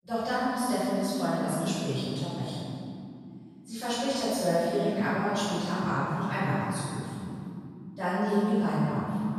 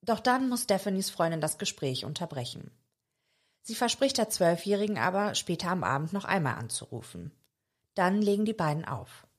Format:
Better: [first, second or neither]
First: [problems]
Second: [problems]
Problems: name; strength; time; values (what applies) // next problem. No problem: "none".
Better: second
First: off-mic speech; far // room echo; strong; dies away in 3 s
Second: none